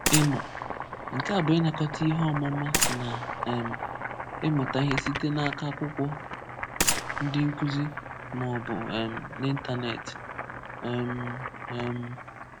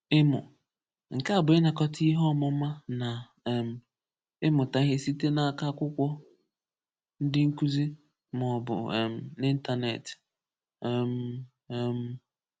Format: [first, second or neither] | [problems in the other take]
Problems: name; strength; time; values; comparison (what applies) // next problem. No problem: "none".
second | background sound (Gunshot, gunfire + Boiling); 3 dB below the speech